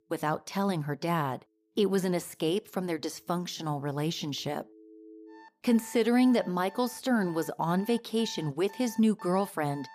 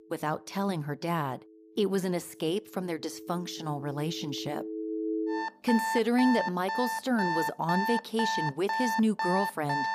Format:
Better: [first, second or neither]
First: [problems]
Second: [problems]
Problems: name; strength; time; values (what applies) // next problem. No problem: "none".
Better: first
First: alarms or sirens; faint; throughout; 20 dB below the speech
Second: alarms or sirens; loud; throughout; 2 dB below the speech